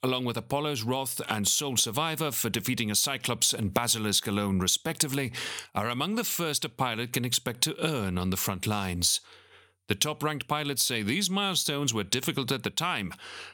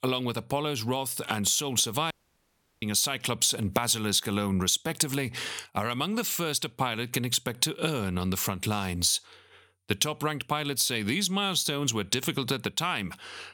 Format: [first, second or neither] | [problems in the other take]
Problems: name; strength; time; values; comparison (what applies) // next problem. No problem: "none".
first | audio cutting out; at 2 s for 0.5 s